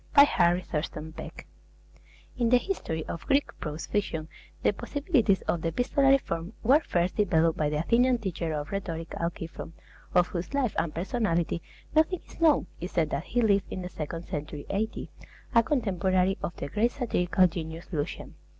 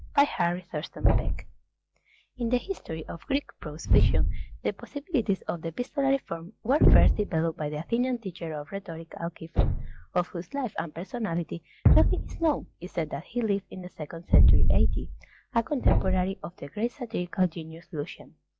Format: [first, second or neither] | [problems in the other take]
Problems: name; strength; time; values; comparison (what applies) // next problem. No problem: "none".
first | noise reduction (classical method log-MMSE)